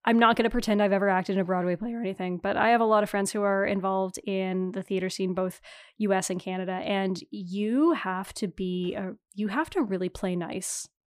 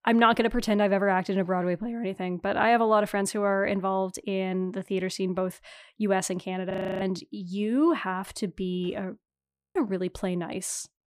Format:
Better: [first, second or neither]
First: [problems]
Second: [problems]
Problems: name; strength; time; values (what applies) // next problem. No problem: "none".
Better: first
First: none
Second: audio freezing; at 6.5 s and at 9.5 s